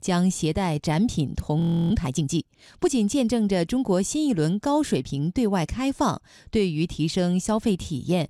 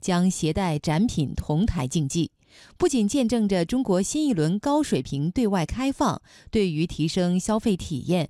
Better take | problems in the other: second | audio freezing; at 1.5 s

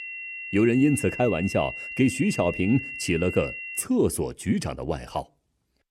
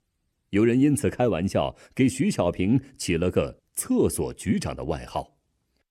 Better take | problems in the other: second | high-pitched whine; loud; until 4 s; 2.5 kHz, 8 dB below the speech

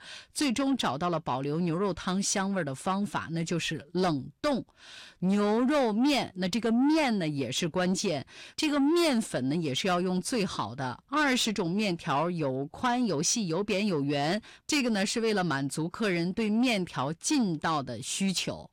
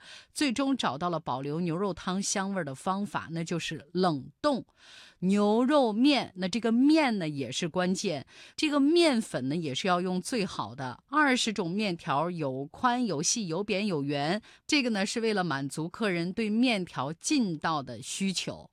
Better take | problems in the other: second | distortion; slight; 10 dB below the speech

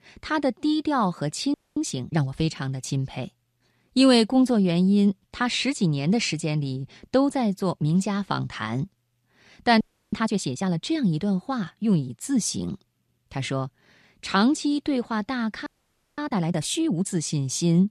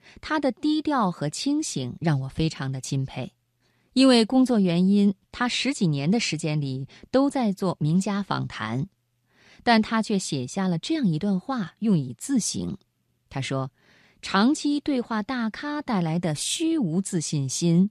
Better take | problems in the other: second | audio freezing; at 1.5 s, at 10 s and at 16 s for 0.5 s

